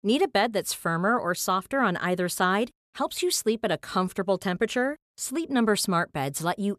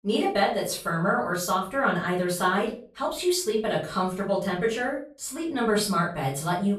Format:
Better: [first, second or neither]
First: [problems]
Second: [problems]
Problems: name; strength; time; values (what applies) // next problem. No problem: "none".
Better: first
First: none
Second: off-mic speech; far // room echo; slight; dies away in 0.3 s